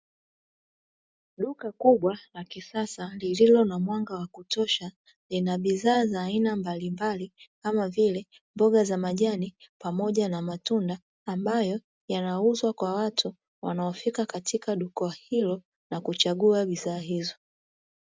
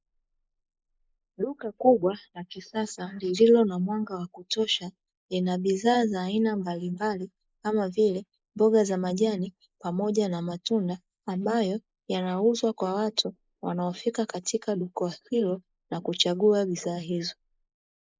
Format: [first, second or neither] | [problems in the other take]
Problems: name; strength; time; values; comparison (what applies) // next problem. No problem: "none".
first | noise reduction (neural mask model Resemble Enhance denoiser)